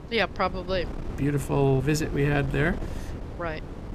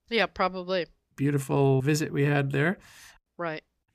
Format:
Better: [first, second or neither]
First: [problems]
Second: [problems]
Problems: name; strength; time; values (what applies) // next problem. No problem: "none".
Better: second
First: wind noise on the microphone; occasional gusts; 15 dB below the speech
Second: none